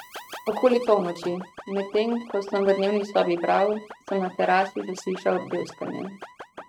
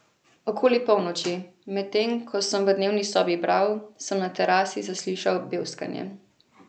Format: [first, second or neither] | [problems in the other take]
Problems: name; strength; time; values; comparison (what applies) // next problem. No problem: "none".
second | noise reduction (neural mask model RNNoise)